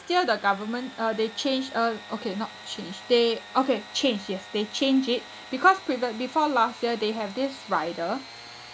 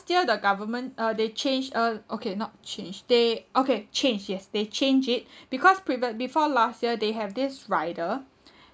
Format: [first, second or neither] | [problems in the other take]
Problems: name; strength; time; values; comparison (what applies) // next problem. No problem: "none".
second | background sound (Sawing / Engine); 17 dB below the speech